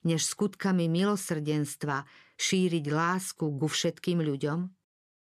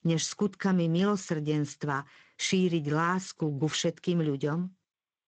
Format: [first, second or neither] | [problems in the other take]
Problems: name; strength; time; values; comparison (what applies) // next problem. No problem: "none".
first | garbled, watery; slightly; nothing above 7.5 kHz